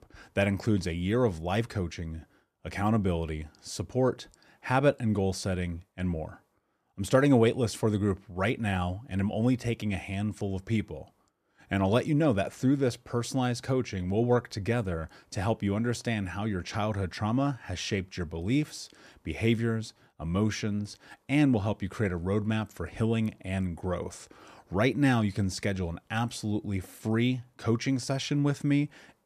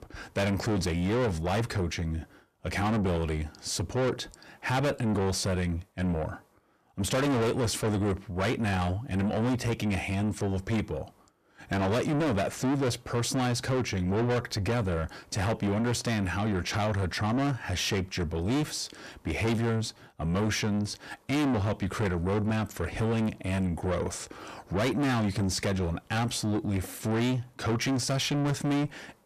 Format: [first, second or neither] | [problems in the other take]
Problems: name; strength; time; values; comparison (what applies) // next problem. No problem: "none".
first | distortion; heavy; 6 dB below the speech